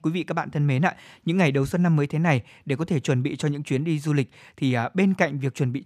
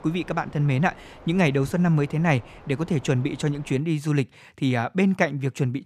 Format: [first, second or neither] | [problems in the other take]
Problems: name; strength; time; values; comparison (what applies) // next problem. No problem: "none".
first | wind noise on the microphone; occasional gusts; until 4 s; 20 dB below the speech